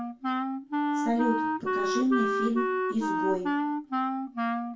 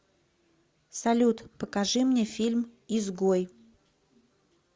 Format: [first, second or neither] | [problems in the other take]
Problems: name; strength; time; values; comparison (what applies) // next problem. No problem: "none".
second | background sound (Wind instrument, woodwind instrument); 3 dB above the speech // room echo; dies away in 0.3 s